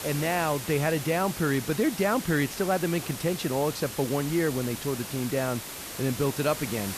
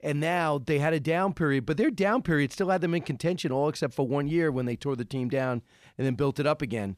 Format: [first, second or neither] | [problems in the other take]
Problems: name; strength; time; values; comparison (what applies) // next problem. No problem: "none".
second | hiss; loud; throughout; 8 dB below the speech